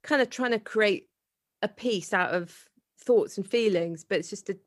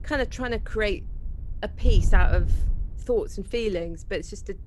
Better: first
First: none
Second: wind noise on the microphone; occasional gusts; 20 dB below the speech

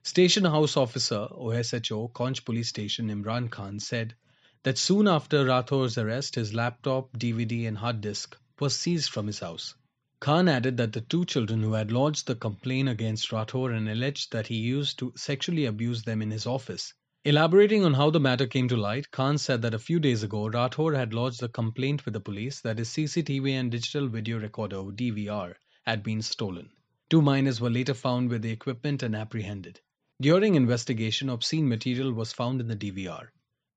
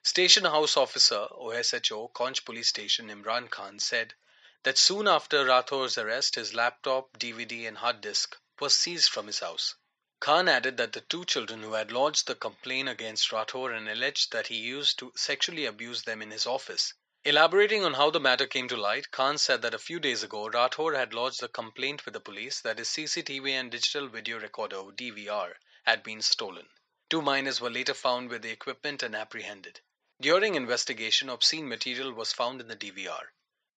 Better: first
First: none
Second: thin; very; fading below 650 Hz

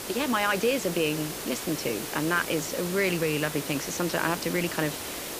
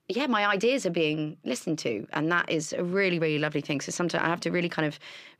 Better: second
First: hiss; loud; throughout; 6 dB below the speech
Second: none

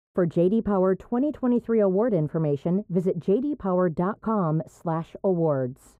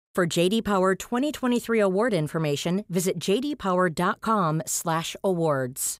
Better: second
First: muffled; very; fading above 2 kHz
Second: none

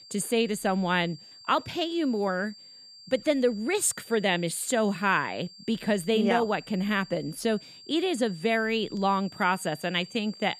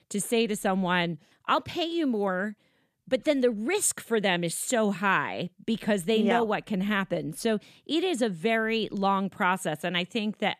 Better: second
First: high-pitched whine; noticeable; throughout; 4.5 kHz, 20 dB below the speech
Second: none

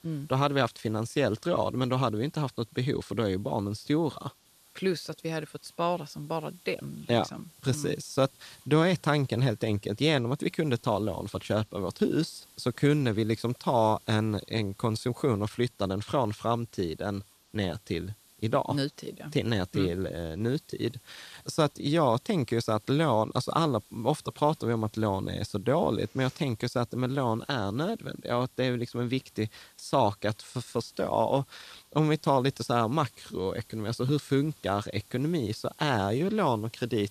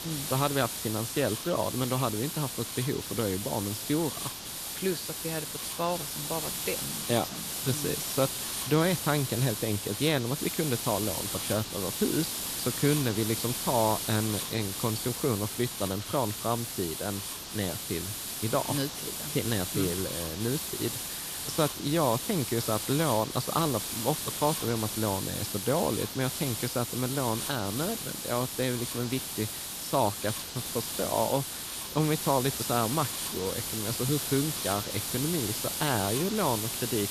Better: first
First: hiss; faint; throughout; 25 dB below the speech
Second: hiss; loud; throughout; 2 dB below the speech

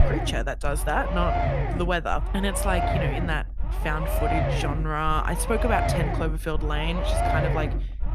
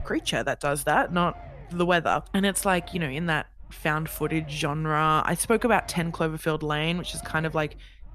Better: second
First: low rumble; loud; throughout; 1 dB below the speech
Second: low rumble; faint; throughout; 25 dB below the speech

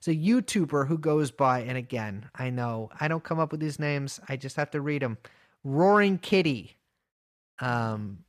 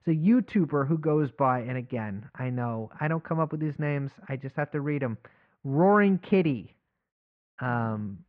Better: first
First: none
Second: muffled; very; fading above 2 kHz

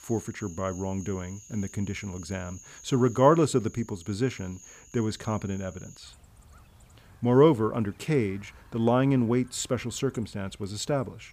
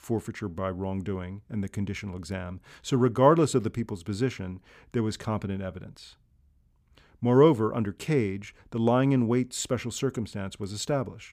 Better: second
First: animal sounds; faint; throughout; 20 dB below the speech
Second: none

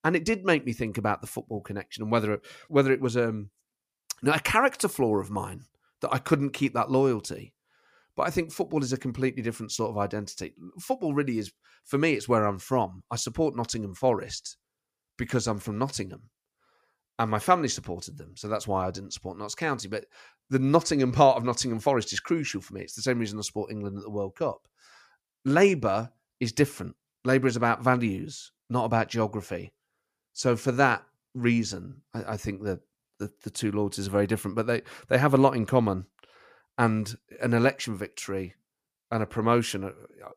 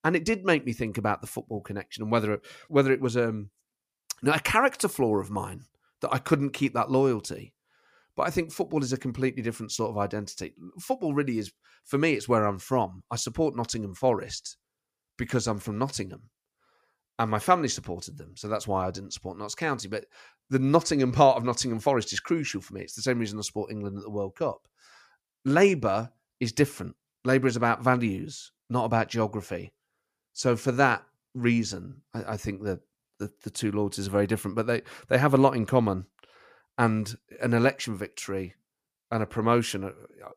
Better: neither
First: none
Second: none

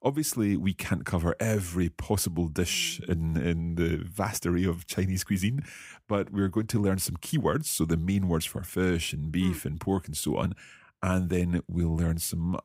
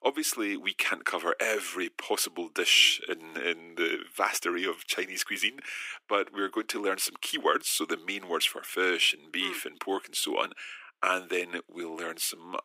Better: first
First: none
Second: thin; very; fading below 300 Hz

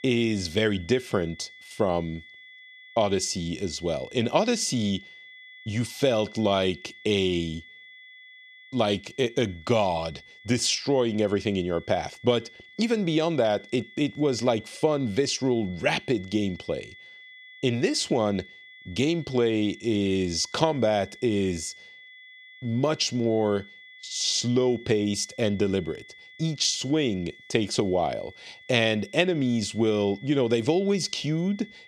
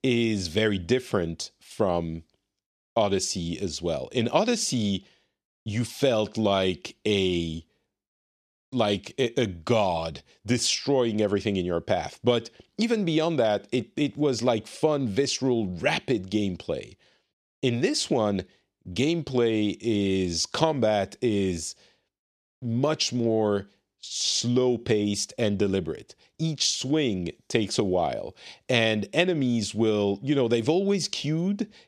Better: second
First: high-pitched whine; faint; throughout; 2 kHz, 20 dB below the speech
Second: none

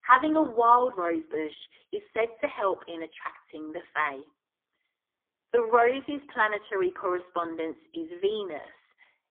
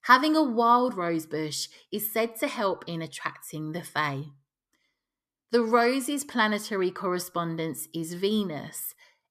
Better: second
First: phone-call audio; poor line; nothing above 3.5 kHz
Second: none

